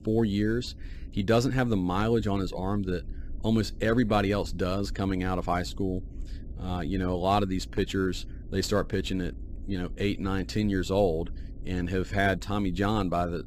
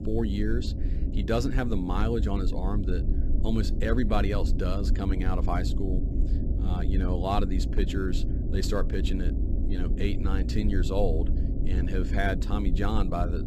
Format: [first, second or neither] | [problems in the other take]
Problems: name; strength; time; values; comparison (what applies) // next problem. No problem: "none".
first | low rumble; loud; throughout; 8 dB below the speech; faint in the first